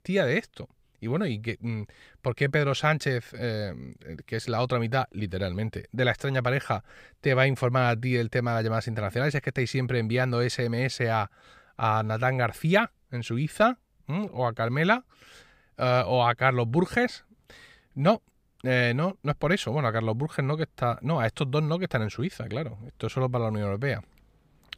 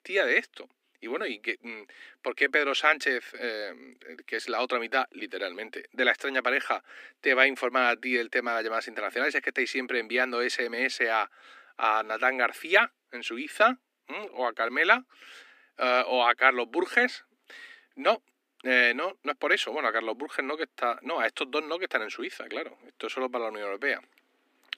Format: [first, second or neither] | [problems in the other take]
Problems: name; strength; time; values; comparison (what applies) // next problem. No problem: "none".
first | thin; somewhat; fading below 250 Hz